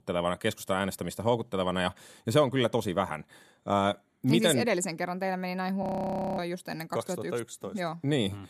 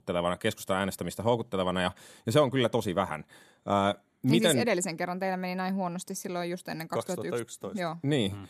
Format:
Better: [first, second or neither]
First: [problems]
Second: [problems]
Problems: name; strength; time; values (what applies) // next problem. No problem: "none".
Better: second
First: audio freezing; at 6 s for 0.5 s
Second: none